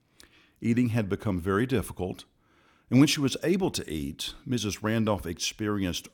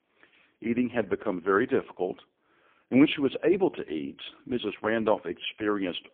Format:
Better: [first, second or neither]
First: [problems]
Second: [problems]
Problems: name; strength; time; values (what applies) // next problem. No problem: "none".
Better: first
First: none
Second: phone-call audio; poor line; nothing above 3.5 kHz